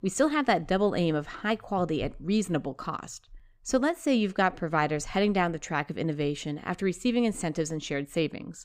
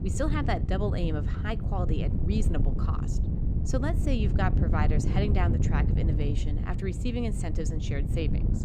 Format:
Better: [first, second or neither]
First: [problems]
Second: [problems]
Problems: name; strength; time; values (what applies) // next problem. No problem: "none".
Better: first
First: none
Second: wind noise on the microphone; heavy; 5 dB below the speech